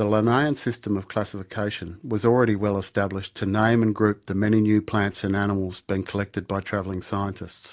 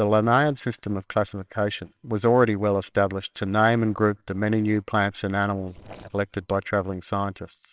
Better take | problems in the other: first | noise reduction (neural separator model SepFormer WHAMR!)

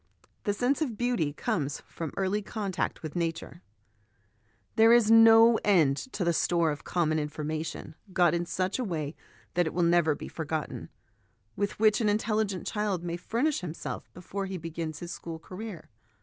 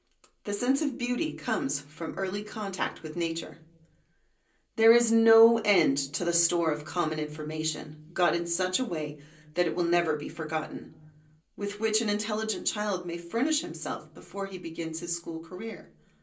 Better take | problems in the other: first | room echo; dies away in 0.3 s

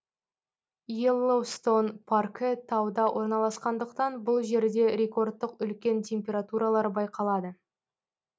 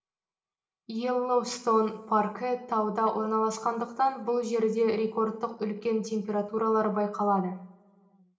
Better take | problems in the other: first | room echo; dies away in 0.8 s

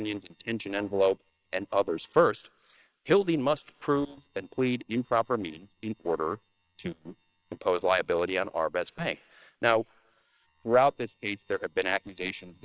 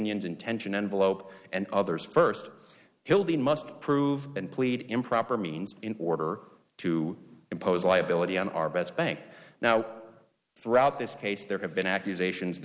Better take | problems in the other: second | noise reduction (neural separator model SepFormer WHAM!)

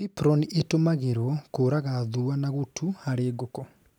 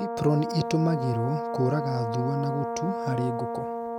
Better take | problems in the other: first | background sound (Brass instrument); 3 dB below the speech

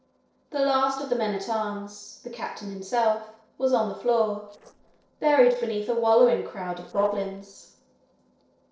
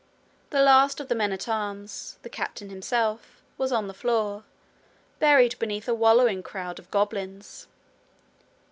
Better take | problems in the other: second | noise reduction (neural separator model SepFormer DNS4)

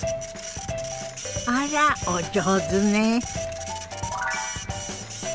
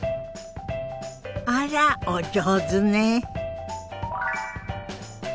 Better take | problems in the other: second | background sound (Printer); 11 dB below the speech

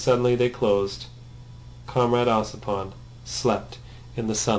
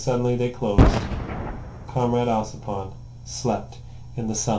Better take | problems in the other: first | background sound (Boom); as loud as the speech // room echo; dies away in 0.2 s

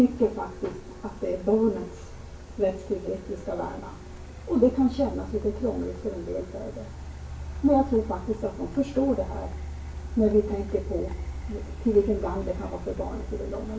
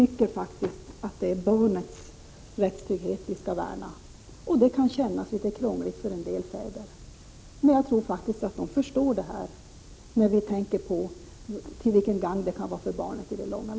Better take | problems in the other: second | background sound (Truck); 10 dB below the speech // room echo; dies away in 0.3 s

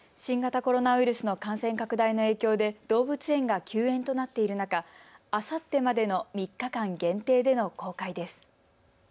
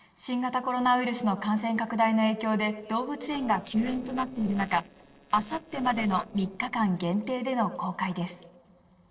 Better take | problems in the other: first | noise reduction (neural separator model SepFormer DNS4)

